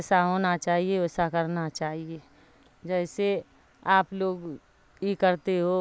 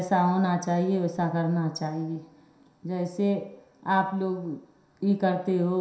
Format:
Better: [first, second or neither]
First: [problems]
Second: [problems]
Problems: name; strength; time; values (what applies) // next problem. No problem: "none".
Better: first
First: none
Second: room echo; dies away in 0.7 s